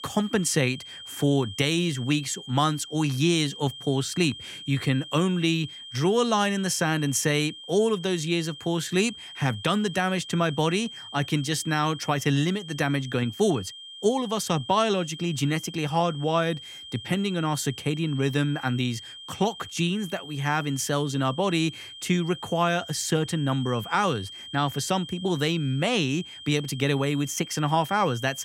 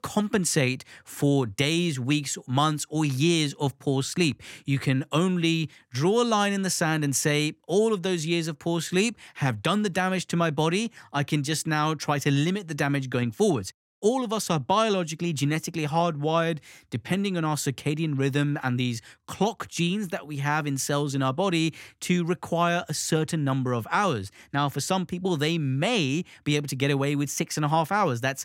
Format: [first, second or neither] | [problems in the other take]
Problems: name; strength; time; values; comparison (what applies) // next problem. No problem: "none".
second | high-pitched whine; noticeable; throughout; 3 kHz, 15 dB below the speech